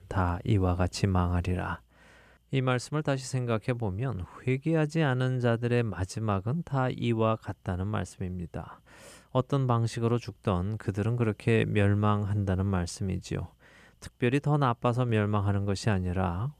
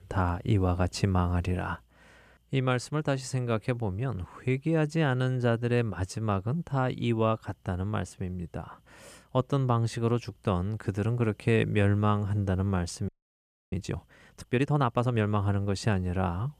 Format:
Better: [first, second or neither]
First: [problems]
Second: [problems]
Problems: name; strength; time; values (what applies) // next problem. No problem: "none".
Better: first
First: none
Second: audio freezing; at 13 s for 0.5 s